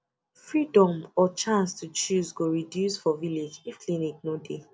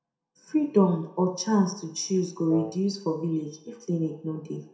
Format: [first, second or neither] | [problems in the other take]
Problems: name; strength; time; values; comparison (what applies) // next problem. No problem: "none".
first | background sound (Wind instrument, woodwind instrument); 11 dB below the speech // room echo; dies away in 0.6 s